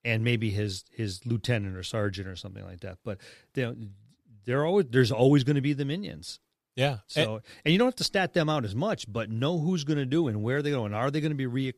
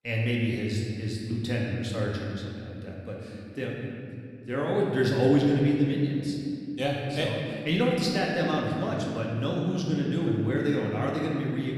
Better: first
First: none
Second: room echo; noticeable; dies away in 2.4 s // off-mic speech; somewhat distant

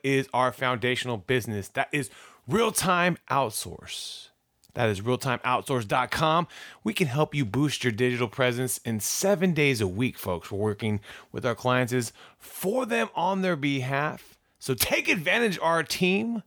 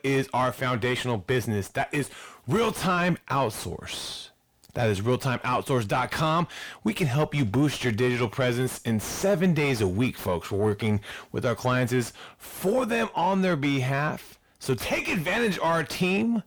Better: first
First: none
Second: distortion; heavy; 8 dB below the speech

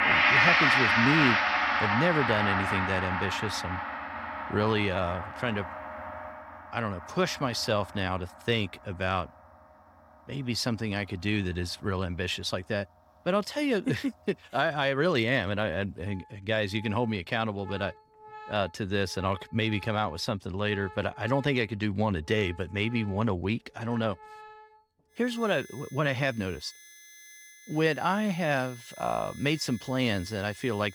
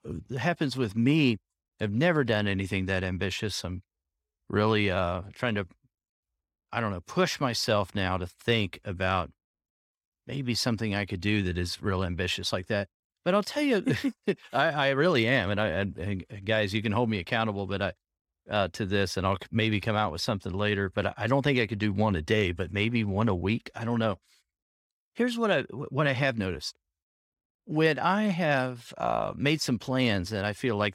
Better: second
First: background music; very loud; throughout; 3 dB above the speech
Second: none

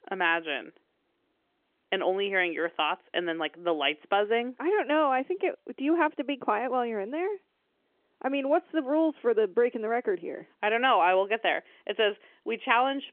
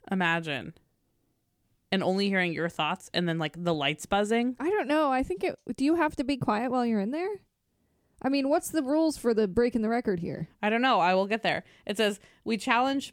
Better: second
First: phone-call audio; nothing above 3.5 kHz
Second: none

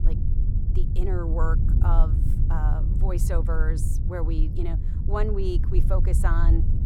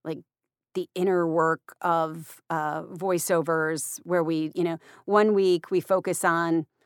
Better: second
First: low rumble; loud; throughout; 7 dB below the speech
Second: none

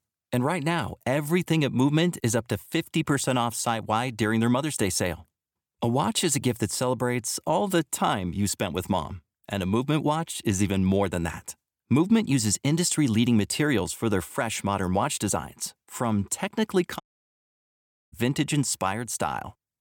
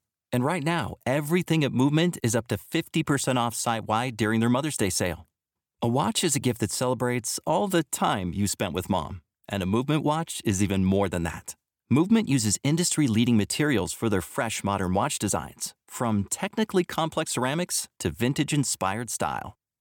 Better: second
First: audio cutting out; at 17 s for 1 s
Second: none

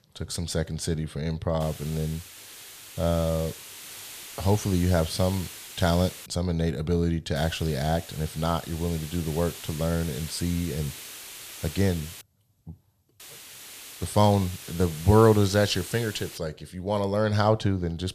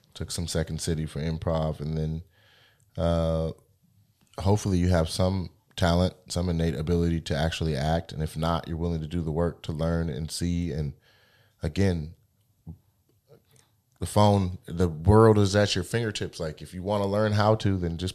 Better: second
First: hiss; noticeable; from 1.5 to 6.5 s, from 7.5 to 12 s and from 13 to 16 s; 15 dB below the speech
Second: none

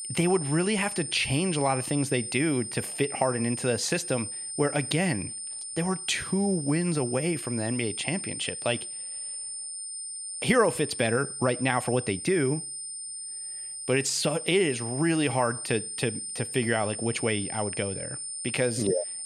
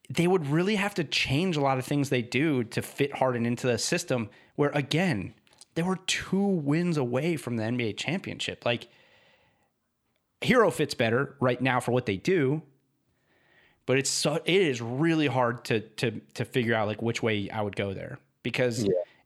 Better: second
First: high-pitched whine; loud; throughout; 9 kHz, 6 dB below the speech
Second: none

